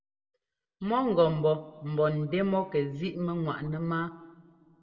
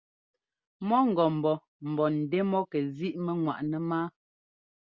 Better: second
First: room echo; dies away in 0.6 s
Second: none

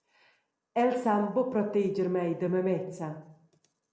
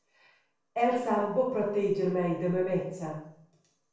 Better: first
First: none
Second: room echo; dies away in 0.4 s

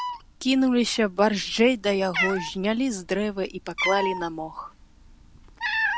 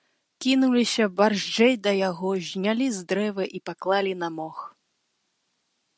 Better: second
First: background sound (Cat); 7 dB below the speech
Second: none

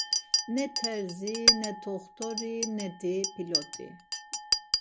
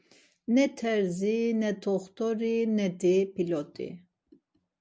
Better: second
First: background sound (Chink, clink); 4 dB above the speech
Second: none

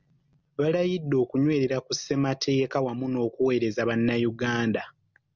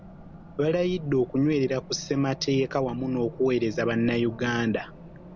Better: first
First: none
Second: background sound (Race car, auto racing); 16 dB below the speech

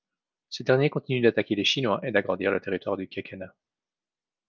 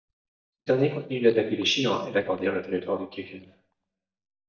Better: first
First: none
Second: noise reduction (neural mask model DeepFilterNet 3)

